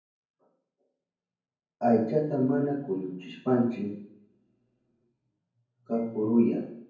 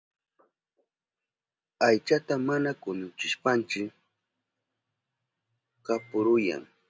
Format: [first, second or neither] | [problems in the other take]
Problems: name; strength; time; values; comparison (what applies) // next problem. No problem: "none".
second | room echo; dies away in 0.9 s